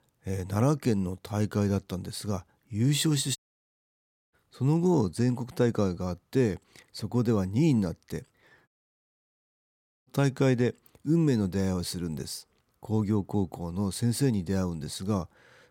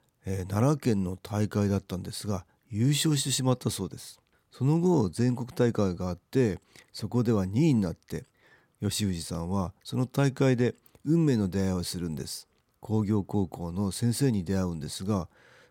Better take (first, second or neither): second